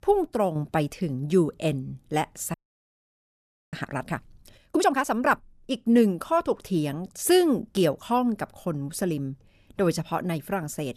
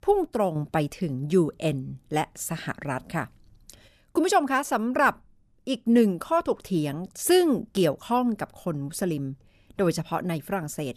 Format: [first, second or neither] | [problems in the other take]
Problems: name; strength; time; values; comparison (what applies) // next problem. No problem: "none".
second | audio freezing; at 2.5 s for 1 s